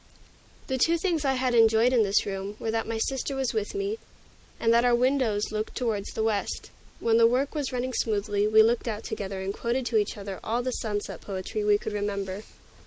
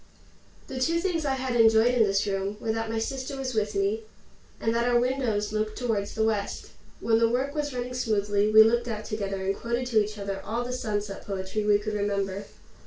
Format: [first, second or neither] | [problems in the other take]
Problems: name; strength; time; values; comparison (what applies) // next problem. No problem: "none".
first | room echo; dies away in 0.2 s